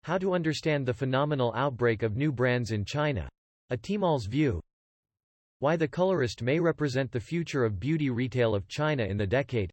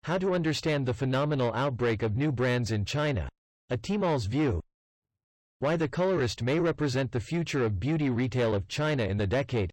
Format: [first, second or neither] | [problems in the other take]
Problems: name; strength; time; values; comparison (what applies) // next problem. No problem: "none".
first | distortion; slight; 9 dB below the speech